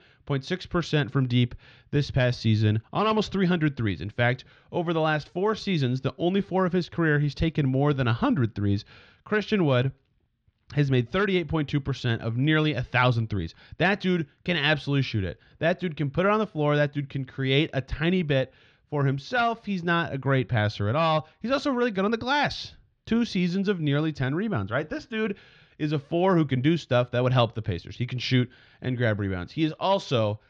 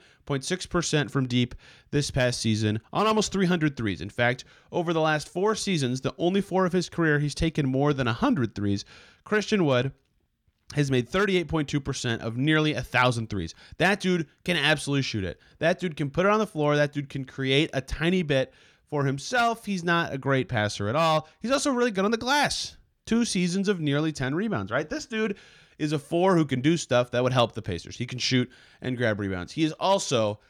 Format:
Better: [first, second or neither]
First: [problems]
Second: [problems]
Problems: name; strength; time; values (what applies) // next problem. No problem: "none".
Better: second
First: muffled; very slightly; fading above 4.5 kHz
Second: none